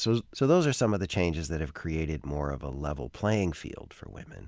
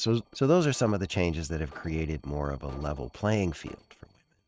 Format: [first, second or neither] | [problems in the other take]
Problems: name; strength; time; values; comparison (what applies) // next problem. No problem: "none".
first | noise reduction (neural mask model RNNoise)